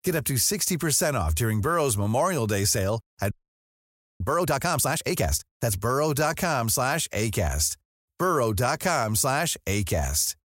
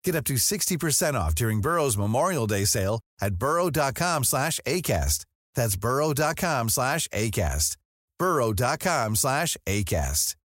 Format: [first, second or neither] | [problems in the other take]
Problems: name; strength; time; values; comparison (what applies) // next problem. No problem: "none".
second | audio freezing; at 3.5 s for 1 s